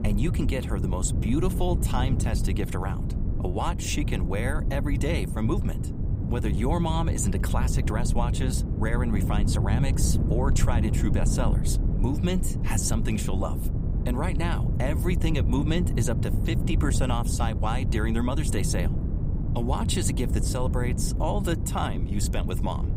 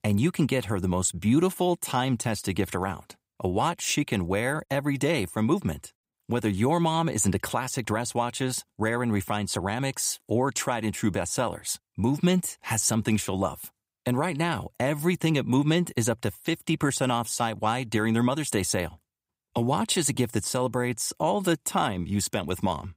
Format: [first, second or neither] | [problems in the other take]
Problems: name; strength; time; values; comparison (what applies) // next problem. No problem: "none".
second | wind noise on the microphone; heavy; 7 dB below the speech